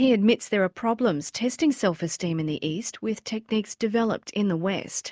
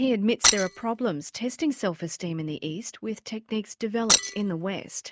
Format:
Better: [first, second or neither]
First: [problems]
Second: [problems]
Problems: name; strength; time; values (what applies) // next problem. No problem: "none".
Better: first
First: none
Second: noise reduction (neural mask model RNNoise)